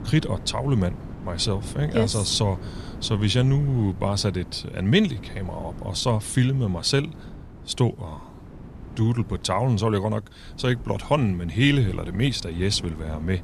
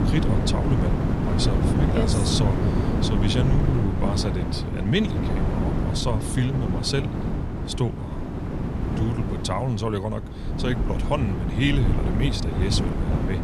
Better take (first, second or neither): first